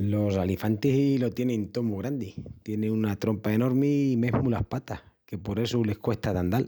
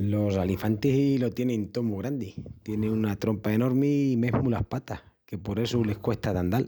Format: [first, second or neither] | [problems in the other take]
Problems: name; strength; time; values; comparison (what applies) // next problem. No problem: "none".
first | background sound (Bowed string instrument); 18 dB below the speech